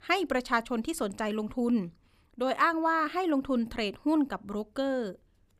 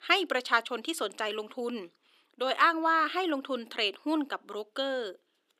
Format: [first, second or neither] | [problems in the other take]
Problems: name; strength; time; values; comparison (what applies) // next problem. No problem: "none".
first | thin; somewhat; fading below 350 Hz